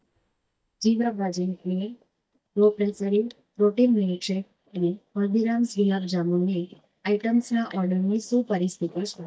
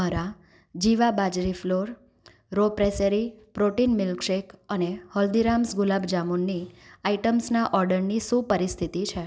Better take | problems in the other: second | noise reduction (neural mask model DeepFilterNet 3)

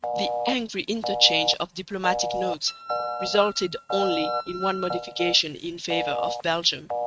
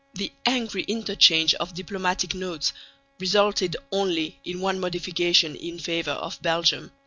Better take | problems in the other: second | noise reduction (neural mask model RNNoise)

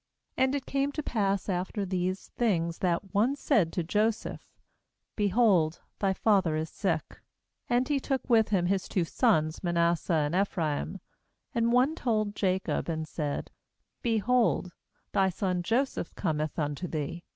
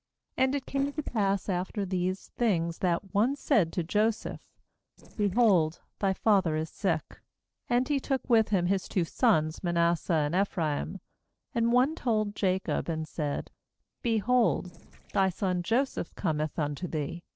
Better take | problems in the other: first | noise reduction (neural separator model SepFormer DNS4)

